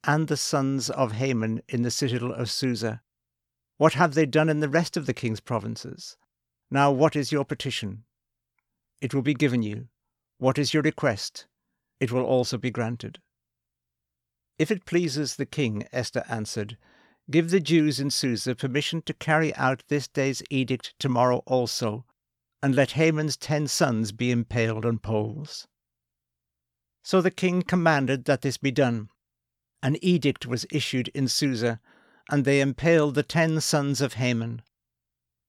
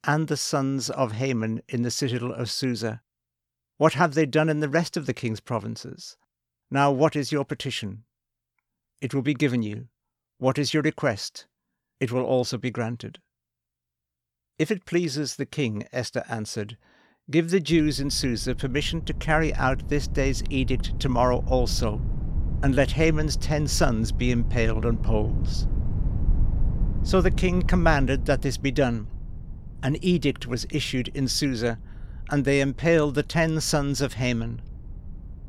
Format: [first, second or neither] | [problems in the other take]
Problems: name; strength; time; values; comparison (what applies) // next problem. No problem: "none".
first | low rumble; noticeable; from 18 s on; 20 dB below the speech